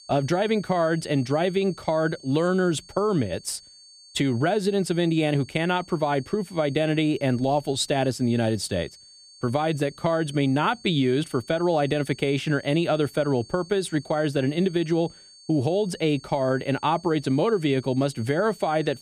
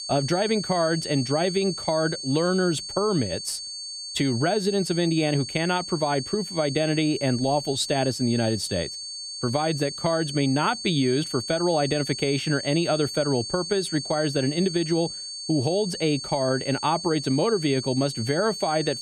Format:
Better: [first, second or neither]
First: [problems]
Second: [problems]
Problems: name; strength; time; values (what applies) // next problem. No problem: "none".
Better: first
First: high-pitched whine; faint; throughout; 4.5 kHz, 20 dB below the speech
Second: high-pitched whine; loud; throughout; 4.5 kHz, 7 dB below the speech